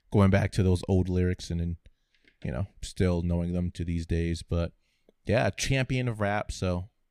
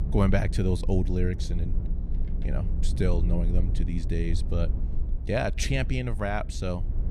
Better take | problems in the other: first | low rumble; noticeable; throughout; 15 dB below the speech

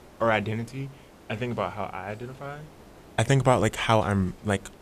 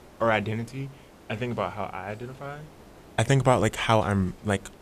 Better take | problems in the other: neither | hiss; faint; throughout; 25 dB below the speech; the same in both

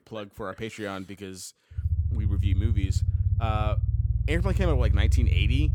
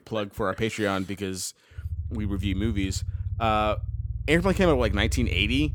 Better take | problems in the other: second | low rumble; loud; from 2 s on; 8 dB below the speech; faint in the second

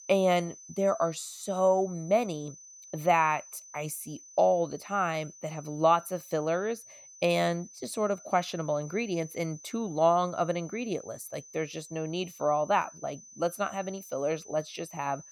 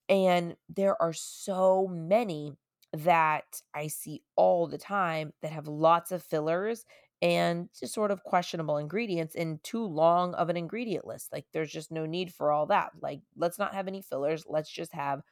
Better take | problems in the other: second | high-pitched whine; noticeable; throughout; 6 kHz, 20 dB below the speech

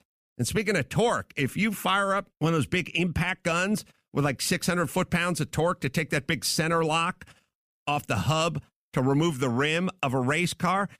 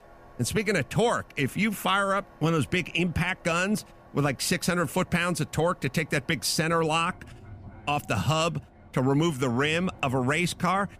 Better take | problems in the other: first | train or aircraft noise; faint; throughout; 25 dB below the speech

